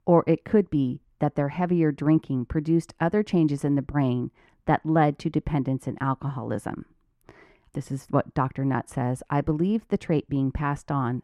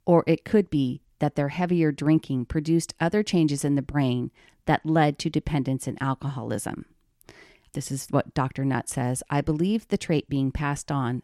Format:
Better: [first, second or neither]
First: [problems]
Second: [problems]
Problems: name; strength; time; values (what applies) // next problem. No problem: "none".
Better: second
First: muffled; slightly; fading above 2.5 kHz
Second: none